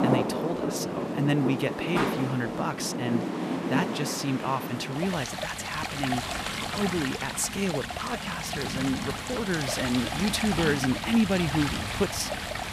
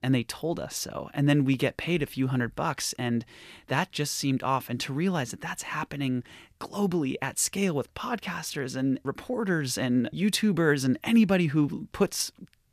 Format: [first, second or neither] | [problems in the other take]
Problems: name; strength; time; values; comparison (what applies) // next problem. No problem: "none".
second | rain or running water; loud; throughout; 2 dB below the speech